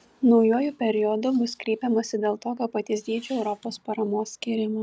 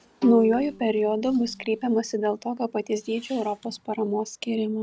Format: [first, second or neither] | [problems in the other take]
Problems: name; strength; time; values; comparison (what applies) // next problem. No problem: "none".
first | background sound (Bowed string instrument); 16 dB below the speech